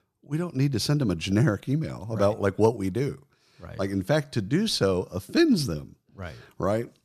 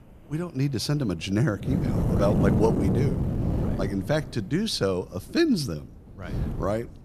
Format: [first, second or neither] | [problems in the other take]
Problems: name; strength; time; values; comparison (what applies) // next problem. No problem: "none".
first | wind noise on the microphone; heavy; 4 dB below the speech